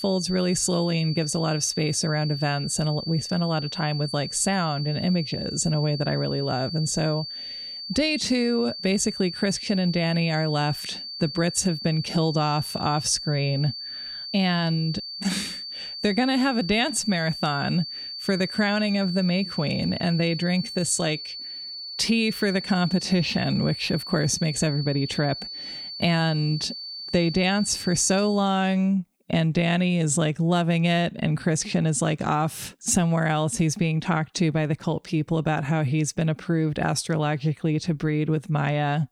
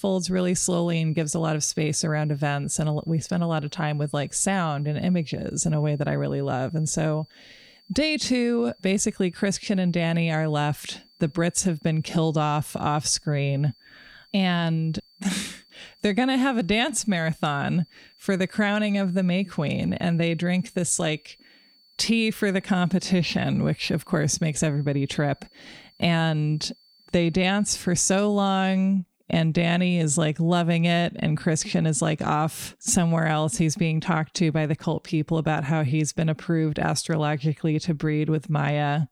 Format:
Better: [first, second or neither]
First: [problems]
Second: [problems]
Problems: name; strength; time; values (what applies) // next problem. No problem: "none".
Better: second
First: high-pitched whine; loud; until 28 s; 4.5 kHz, 8 dB below the speech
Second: high-pitched whine; faint; until 28 s; 4.5 kHz, 30 dB below the speech